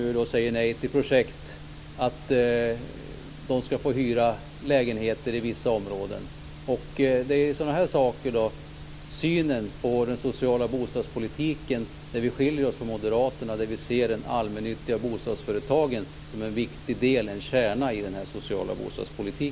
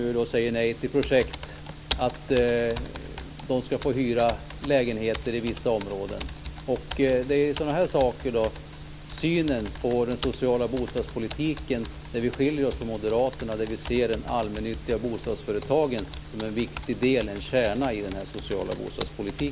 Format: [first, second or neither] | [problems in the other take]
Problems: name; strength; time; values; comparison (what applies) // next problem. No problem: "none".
first | background sound (Computer keyboard); 14 dB below the speech